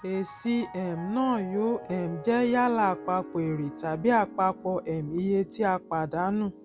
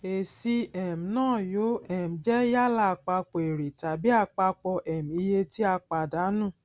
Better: second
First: background sound (Piano); 16 dB below the speech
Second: none

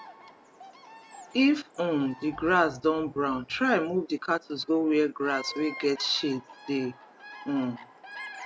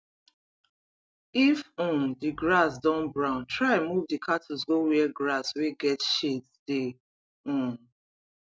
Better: second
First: background sound (Bird vocalization, bird call, bird song); 18 dB below the speech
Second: none

